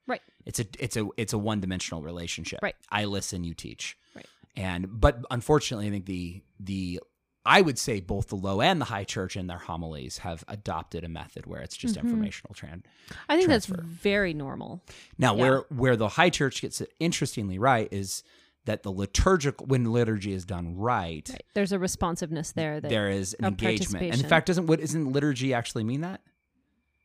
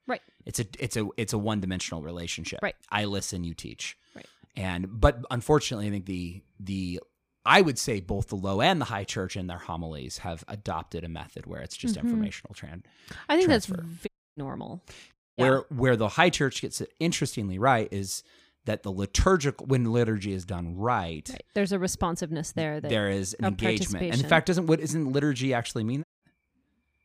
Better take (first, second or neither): first